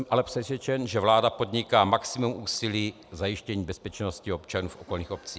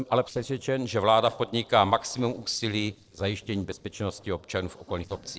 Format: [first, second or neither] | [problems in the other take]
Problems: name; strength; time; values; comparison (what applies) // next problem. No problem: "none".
first | noise reduction (neural separator model SepFormer DNS4)